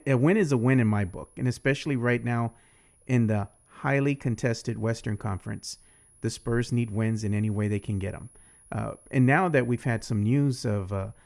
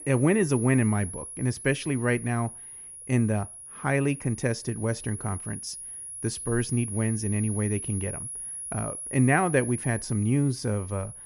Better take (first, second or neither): first